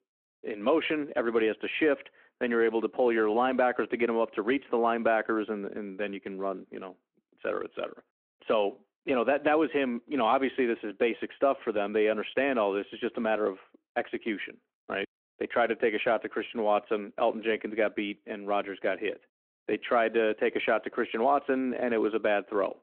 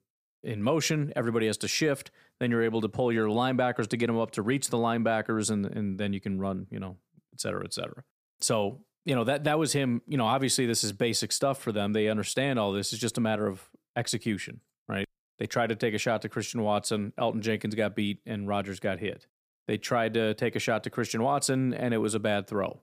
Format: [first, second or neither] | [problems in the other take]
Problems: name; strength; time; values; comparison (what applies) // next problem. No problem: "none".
second | phone-call audio